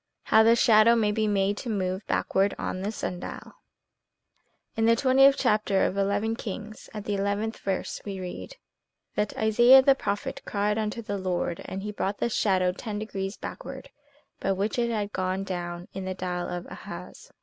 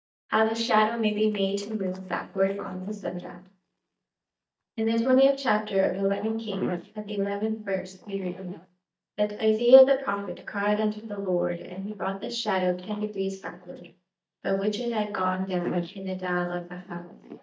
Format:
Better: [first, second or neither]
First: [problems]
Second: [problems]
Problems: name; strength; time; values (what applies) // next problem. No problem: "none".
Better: first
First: none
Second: noise reduction (neural mask model DeepFilterNet 3)